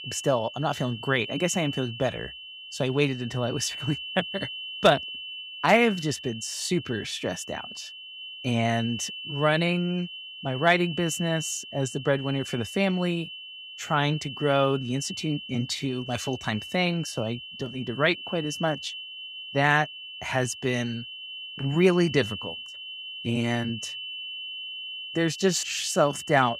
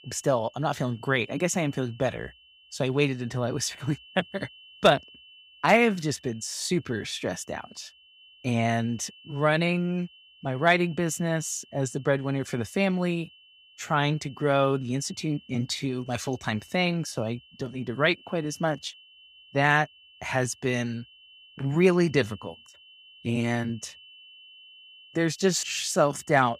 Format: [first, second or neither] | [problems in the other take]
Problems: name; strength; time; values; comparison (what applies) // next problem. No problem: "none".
second | high-pitched whine; loud; throughout; 3 kHz, 10 dB below the speech; faint in the second